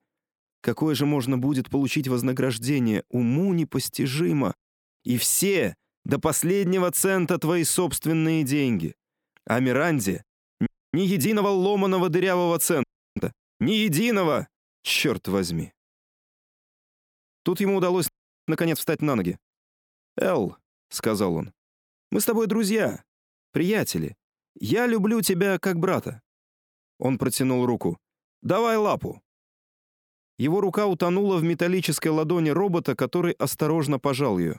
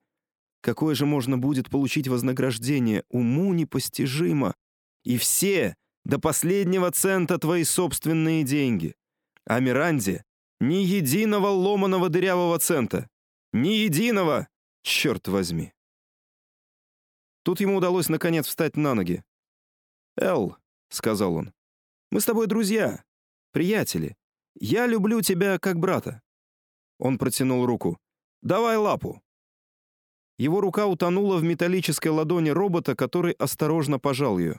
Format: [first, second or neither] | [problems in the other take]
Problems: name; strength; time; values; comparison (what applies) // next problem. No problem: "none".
second | audio freezing; at 11 s, at 13 s and at 18 s